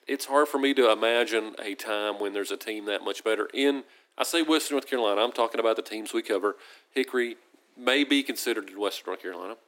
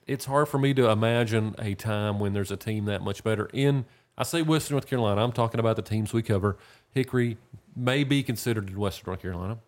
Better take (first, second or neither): second